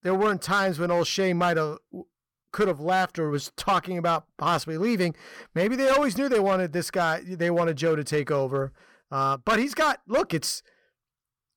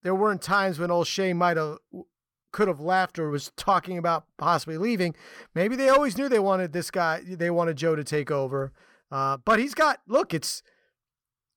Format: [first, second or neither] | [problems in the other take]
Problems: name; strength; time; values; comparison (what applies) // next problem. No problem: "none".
second | distortion; slight; 6% of the sound clipped